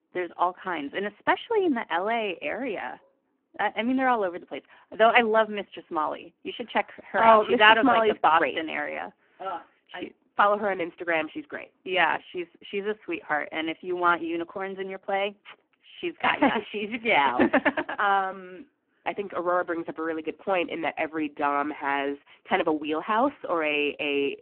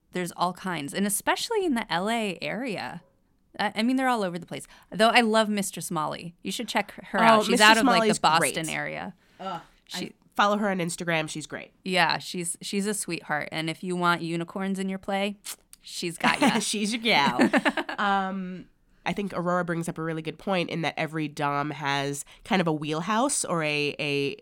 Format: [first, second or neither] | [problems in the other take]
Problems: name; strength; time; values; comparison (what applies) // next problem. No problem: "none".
second | phone-call audio; poor line